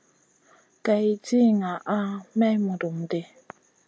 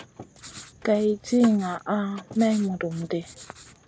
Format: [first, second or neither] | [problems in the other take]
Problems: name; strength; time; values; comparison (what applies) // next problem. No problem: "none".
first | background sound (Writing + Mechanisms / Car); 18 dB below the speech